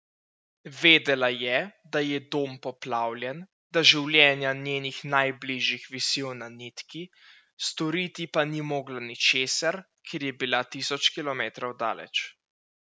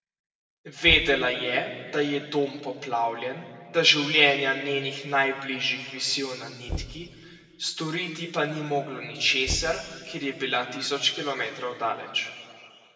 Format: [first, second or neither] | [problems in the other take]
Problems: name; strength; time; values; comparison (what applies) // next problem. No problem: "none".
first | background sound (Knock); 14 dB below the speech // room echo; dies away in 2 s